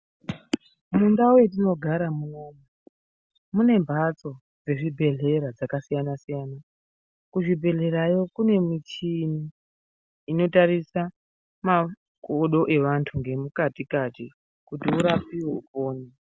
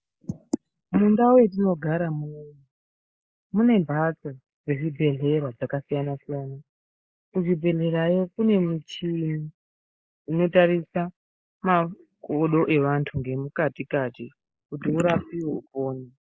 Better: first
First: none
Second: noise reduction (neural mask model Resemble Enhance denoiser)

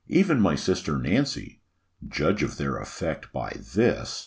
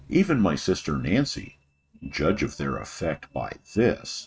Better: first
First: none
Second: noise reduction (neural mask model RNNoise)

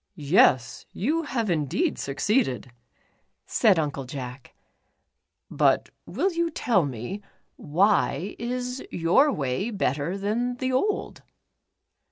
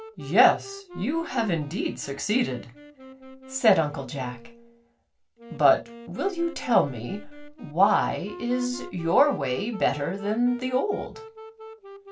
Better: first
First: none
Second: background sound (Wind instrument, woodwind instrument); 17 dB below the speech // room echo; dies away in 0.2 s

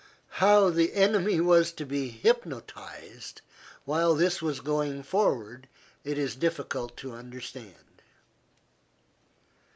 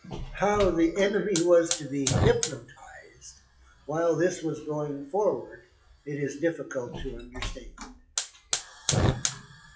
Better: first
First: none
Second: noise reduction (classical method WPE with log-MMSE)

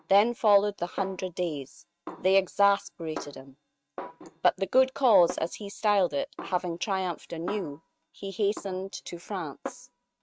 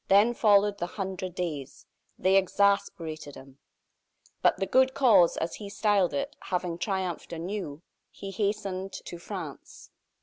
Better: second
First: noise reduction (neural mask model RNNoise)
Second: none

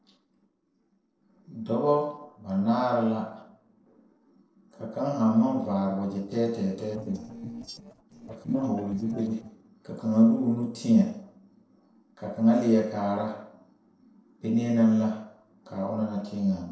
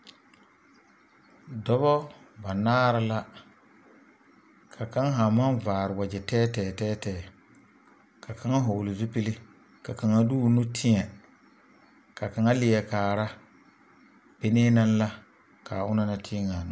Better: second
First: noise reduction (neural separator model SepFormer DNS4)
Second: none

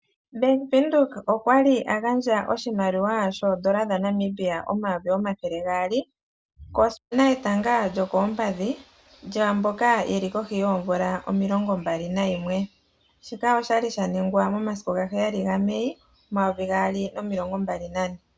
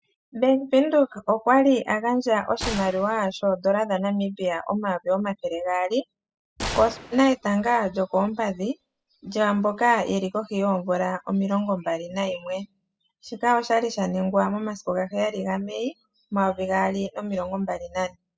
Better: first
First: none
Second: noise reduction (classical method spectral subtraction)

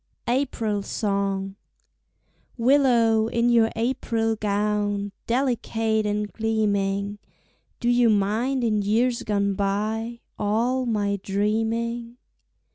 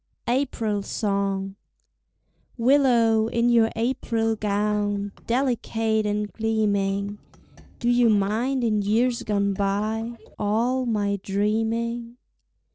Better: first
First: none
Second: noise reduction (neural separator model SepFormer DNS4)

